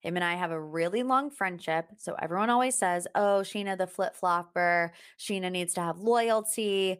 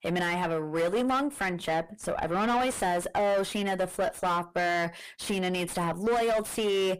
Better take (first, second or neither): first